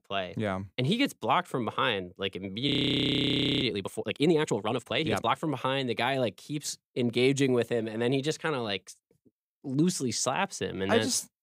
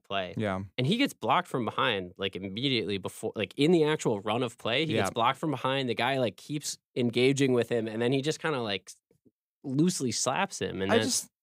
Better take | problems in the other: second | audio freezing; at 2.5 s for 1 s

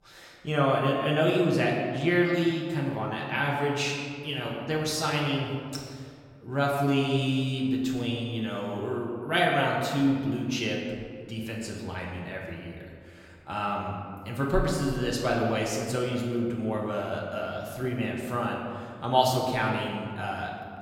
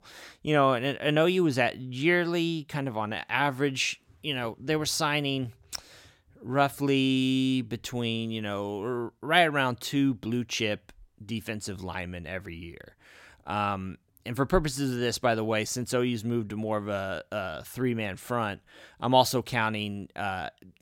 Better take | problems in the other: second | room echo; noticeable; dies away in 1.7 s // off-mic speech; far

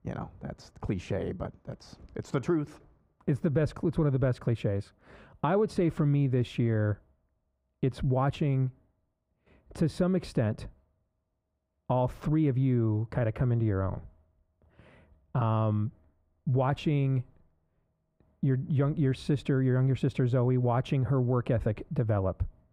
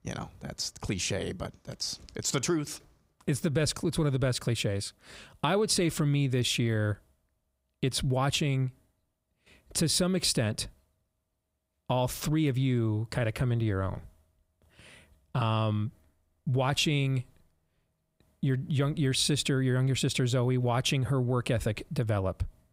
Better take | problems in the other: second | muffled; very; fading above 2.5 kHz

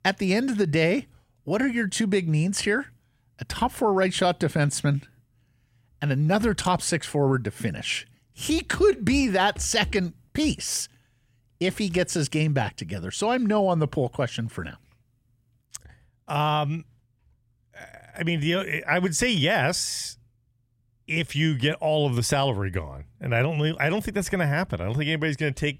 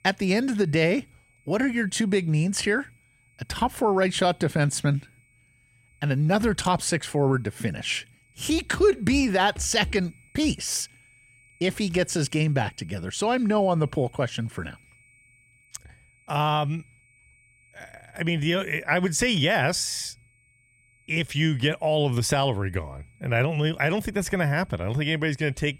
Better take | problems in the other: first | high-pitched whine; faint; throughout; 2.5 kHz, 35 dB below the speech

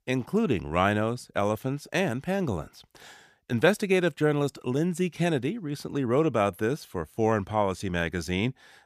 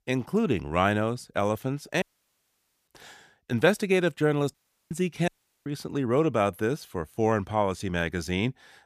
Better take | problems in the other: first | audio cutting out; at 2 s for 1 s, at 4.5 s and at 5.5 s

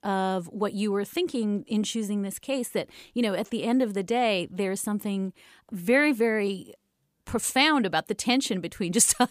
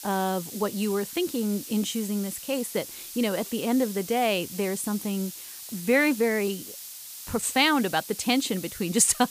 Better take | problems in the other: first | hiss; noticeable; throughout; 10 dB below the speech

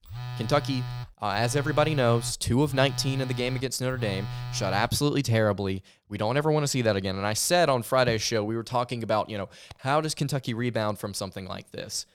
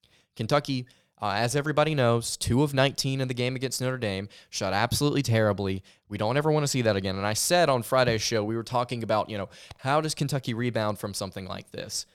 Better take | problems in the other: second | phone ringing; noticeable; until 5 s; peak 8 dB below the speech

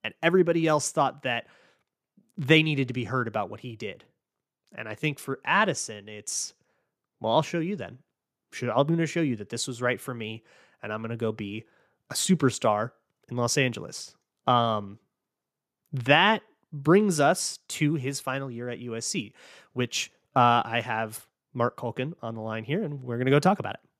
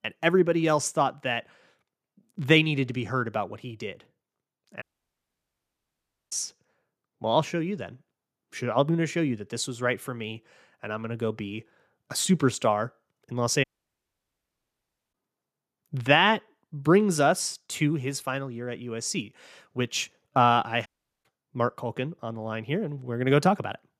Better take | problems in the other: first | audio cutting out; at 5 s for 1.5 s, at 14 s for 1.5 s and at 21 s

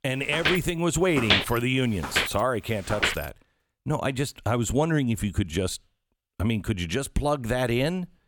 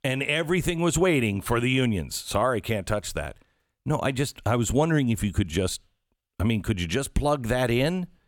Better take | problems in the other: second | footsteps; loud; until 3 s; peak 4 dB above the speech

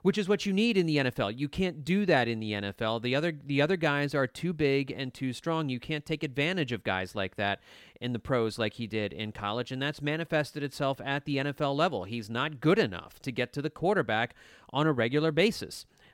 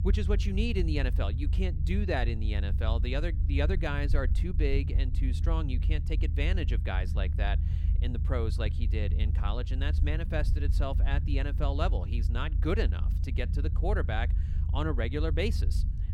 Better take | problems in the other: first | low rumble; noticeable; throughout; 10 dB below the speech

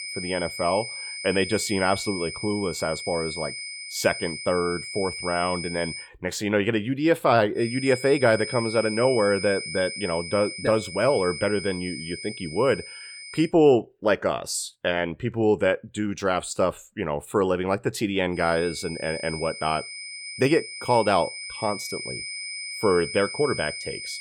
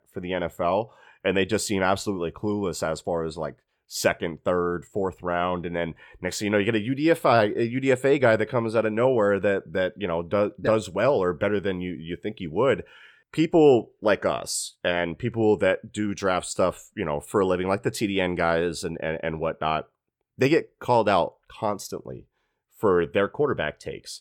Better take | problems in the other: second | high-pitched whine; loud; until 6 s, from 7.5 to 13 s and from 18 s on; 2 kHz, 8 dB below the speech

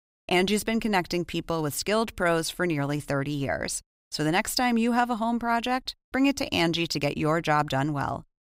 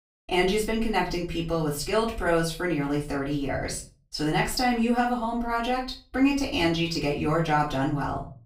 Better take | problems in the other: first | off-mic speech; far // room echo; slight; dies away in 0.3 s

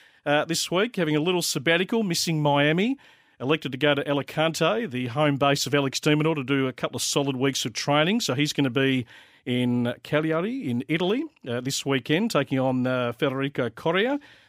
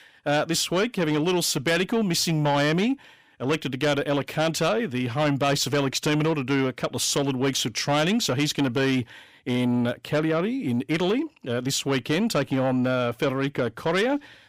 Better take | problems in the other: first | distortion; slight; 10 dB below the speech

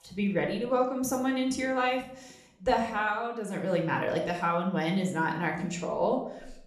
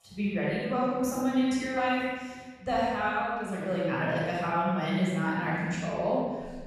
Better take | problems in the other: first | room echo; strong; dies away in 1.6 s; slight in the first // off-mic speech; far; somewhat distant in the first

